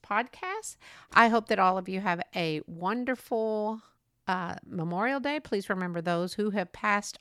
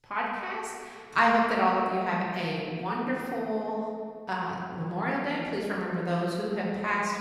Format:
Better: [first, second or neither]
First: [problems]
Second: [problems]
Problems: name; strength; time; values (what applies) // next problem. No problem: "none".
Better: first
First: none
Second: room echo; noticeable; dies away in 1.8 s // off-mic speech; far